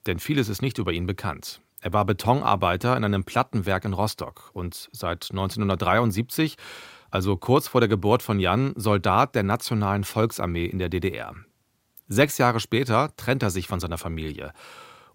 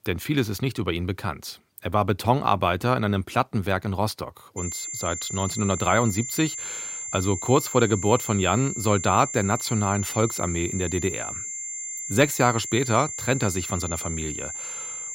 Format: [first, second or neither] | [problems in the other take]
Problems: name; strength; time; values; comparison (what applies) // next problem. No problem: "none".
first | high-pitched whine; loud; from 4.5 s on; 7.5 kHz, 6 dB below the speech